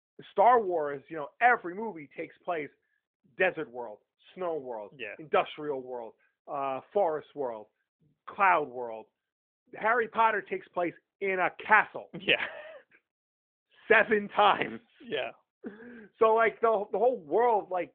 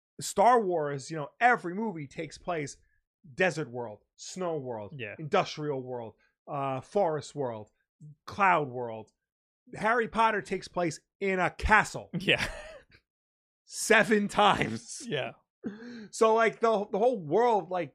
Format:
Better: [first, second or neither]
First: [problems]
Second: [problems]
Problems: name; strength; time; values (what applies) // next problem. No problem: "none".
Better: second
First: phone-call audio; nothing above 3.5 kHz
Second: none